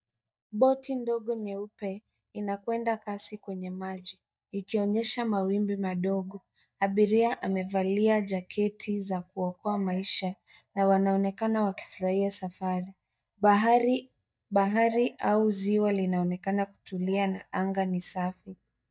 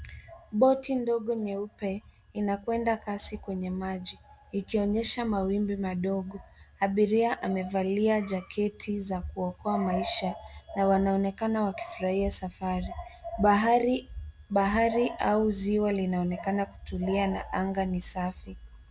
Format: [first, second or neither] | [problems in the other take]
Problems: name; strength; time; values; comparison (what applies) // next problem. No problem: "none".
second | noise reduction (neural mask model DeepFilterNet 3)